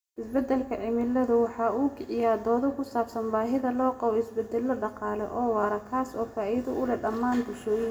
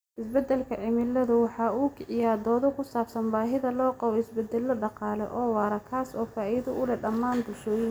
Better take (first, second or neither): second